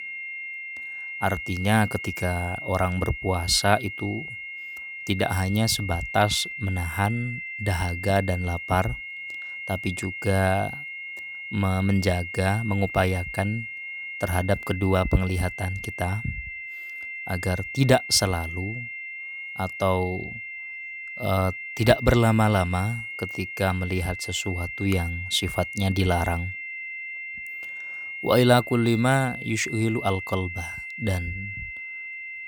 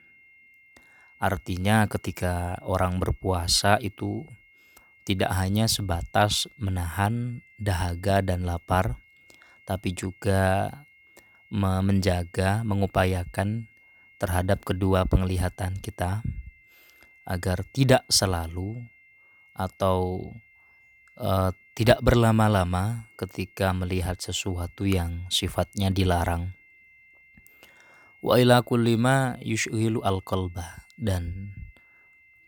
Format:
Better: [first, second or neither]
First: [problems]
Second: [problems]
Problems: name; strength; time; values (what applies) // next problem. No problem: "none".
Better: second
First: high-pitched whine; loud; throughout; 2 kHz, 8 dB below the speech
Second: high-pitched whine; faint; throughout; 2 kHz, 30 dB below the speech